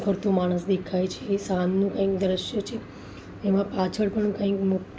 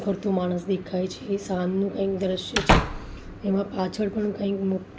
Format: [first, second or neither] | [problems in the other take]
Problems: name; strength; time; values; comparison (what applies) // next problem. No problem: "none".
first | background sound (Slam / Wood); as loud as the speech